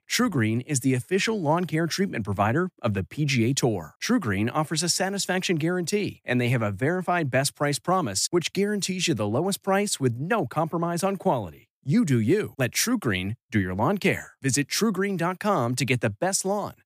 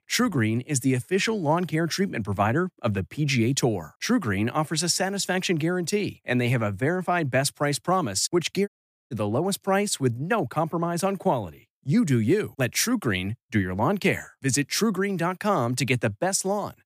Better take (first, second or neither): first